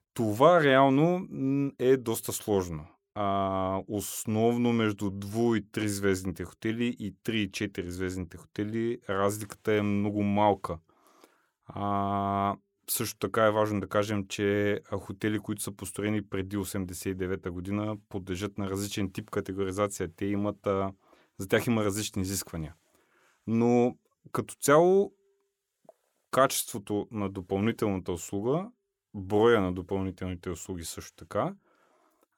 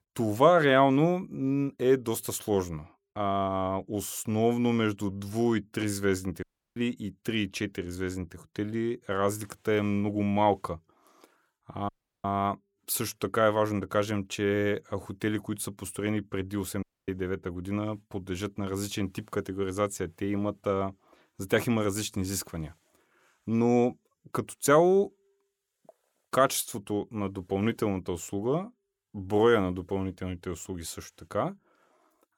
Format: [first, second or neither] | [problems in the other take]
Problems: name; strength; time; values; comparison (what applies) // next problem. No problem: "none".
first | audio cutting out; at 6.5 s, at 12 s and at 17 s